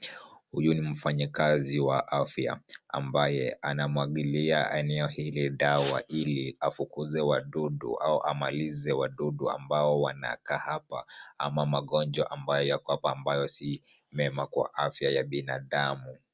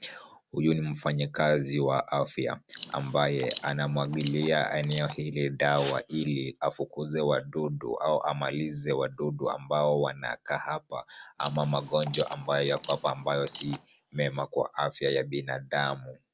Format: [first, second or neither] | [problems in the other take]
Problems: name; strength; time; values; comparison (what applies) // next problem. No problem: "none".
first | background sound (Alarm); 17 dB below the speech